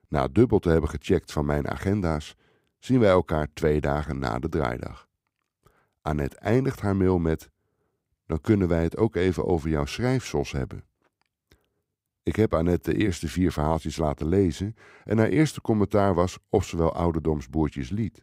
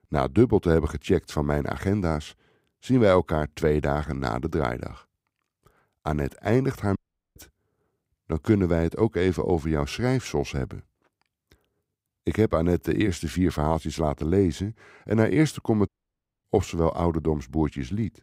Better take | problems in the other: first | audio cutting out; at 7 s and at 16 s for 0.5 s

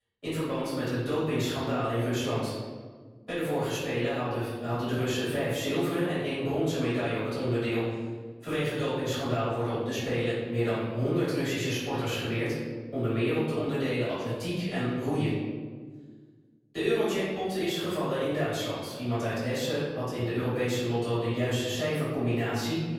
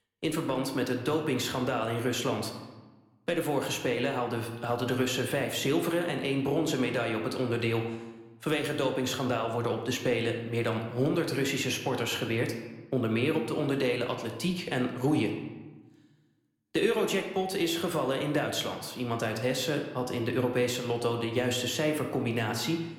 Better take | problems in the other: second | room echo; strong; dies away in 1.5 s; slight in the second // off-mic speech; far

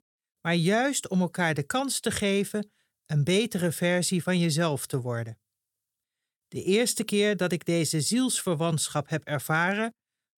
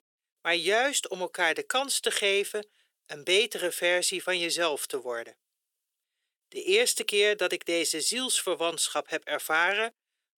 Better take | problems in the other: first | thin; very; fading below 400 Hz

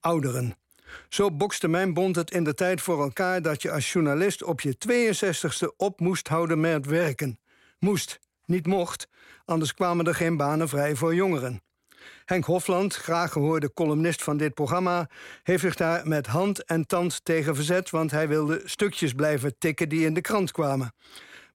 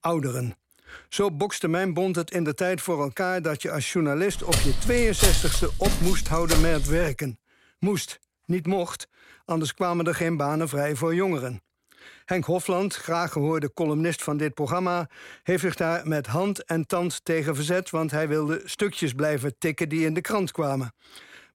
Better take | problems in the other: first | footsteps; loud; from 4.5 to 7 s; peak 4 dB above the speech

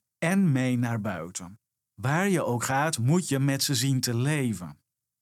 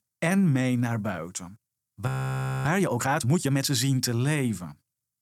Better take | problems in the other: first | audio freezing; at 2 s for 0.5 s

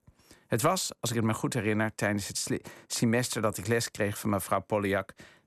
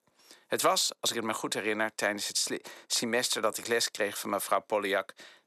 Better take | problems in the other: first | thin; somewhat; fading below 400 Hz

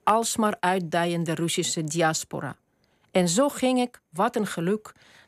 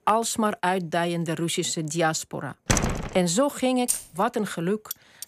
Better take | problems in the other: first | door banging; loud; at 2.5 s; peak 2 dB above the speech // jangling keys; noticeable; at 4 s; peak 2 dB below the speech // clattering dishes; very faint; at 5 s; peak 10 dB below the speech

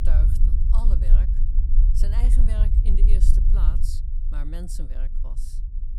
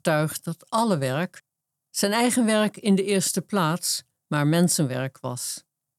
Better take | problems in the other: second | low rumble; loud; throughout; as loud as the speech

